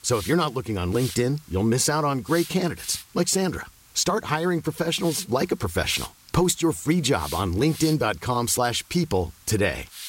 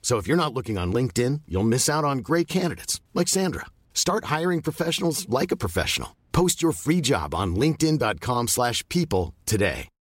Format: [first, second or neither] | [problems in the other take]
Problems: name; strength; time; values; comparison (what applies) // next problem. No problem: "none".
second | hiss; noticeable; throughout; 15 dB below the speech